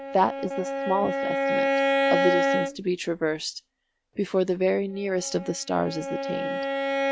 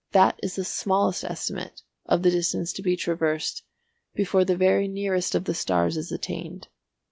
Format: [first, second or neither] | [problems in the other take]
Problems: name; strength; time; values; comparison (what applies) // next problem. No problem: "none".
second | noise reduction (neural mask model RNNoise)